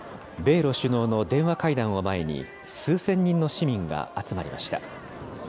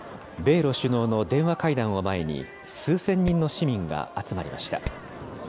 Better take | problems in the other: first | background sound (Hammer); 9 dB below the speech

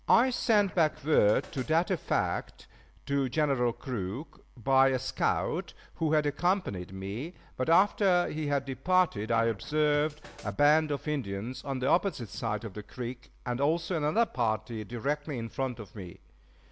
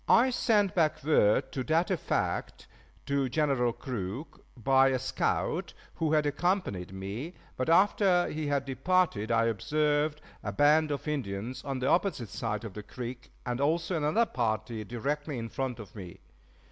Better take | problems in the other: second | background sound (Scratching (performance technique)); 19 dB below the speech

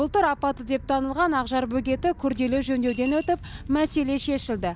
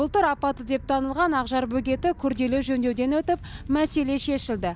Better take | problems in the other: second | background sound (Coin (dropping) / Glass); 19 dB below the speech

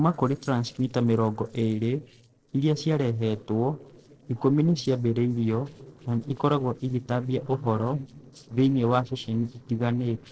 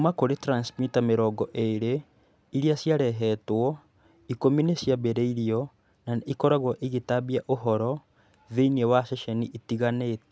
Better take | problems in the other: second | noise reduction (neural separator model SepFormer DNS4)

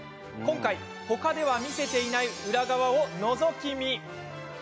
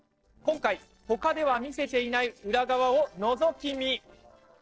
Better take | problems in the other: first | noise reduction (neural separator model SepFormer DNS4)

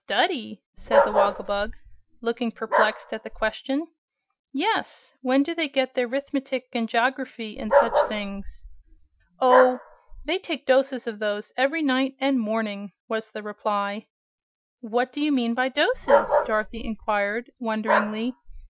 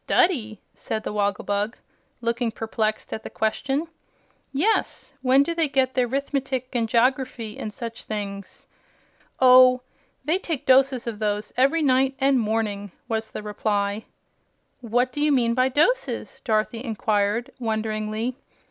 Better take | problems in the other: second | noise reduction (classical method Wiener filter)

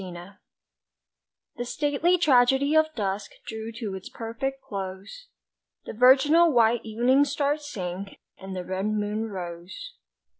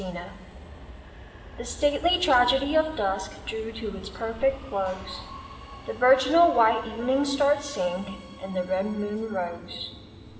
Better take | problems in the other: first | background sound (Subway, metro, underground); 16 dB below the speech // room echo; dies away in 2.5 s

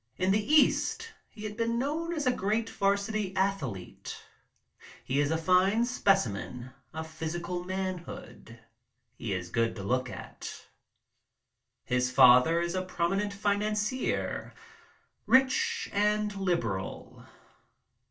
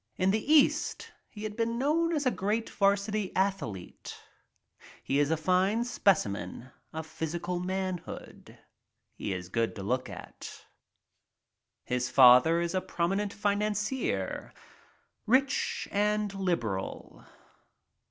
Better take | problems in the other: second | room echo; dies away in 0.2 s

